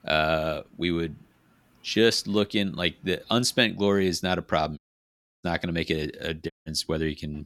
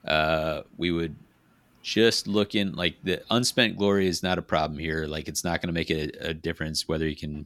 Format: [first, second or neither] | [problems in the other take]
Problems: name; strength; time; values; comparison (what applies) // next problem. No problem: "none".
second | audio cutting out; at 5 s for 0.5 s and at 6.5 s